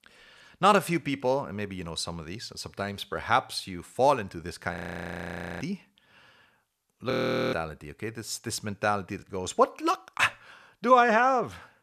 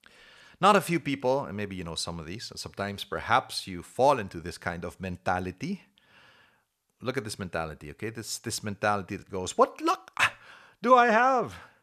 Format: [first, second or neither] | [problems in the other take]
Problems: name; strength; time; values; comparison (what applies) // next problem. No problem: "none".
second | audio freezing; at 5 s for 1 s and at 7 s